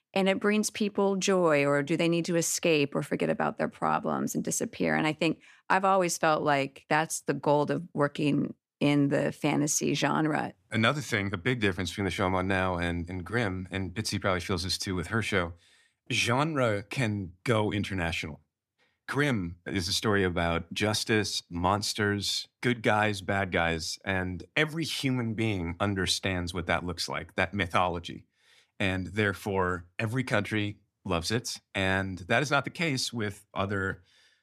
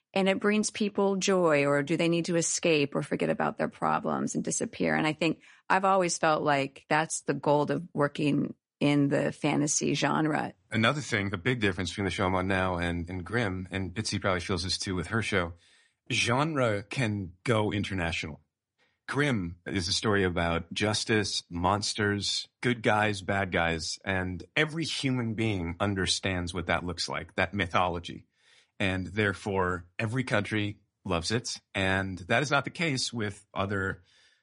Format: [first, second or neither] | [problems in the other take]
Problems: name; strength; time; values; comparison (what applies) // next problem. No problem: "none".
first | garbled, watery; slightly; nothing above 10.5 kHz